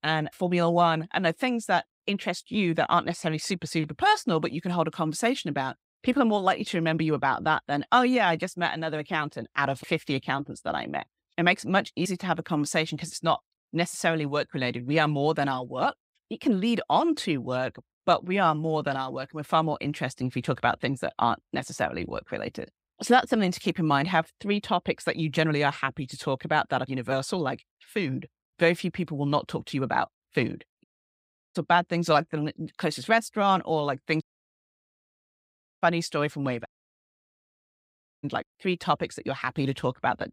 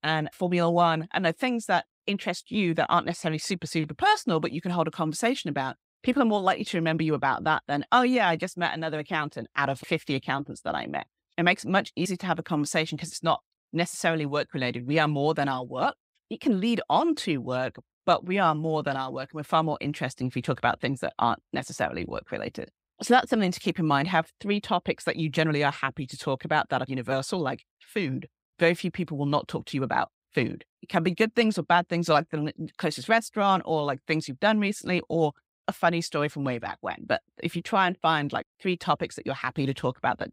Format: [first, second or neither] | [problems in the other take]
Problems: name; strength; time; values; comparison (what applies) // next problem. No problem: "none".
second | audio cutting out; at 31 s for 0.5 s, at 34 s for 1.5 s and at 37 s for 1.5 s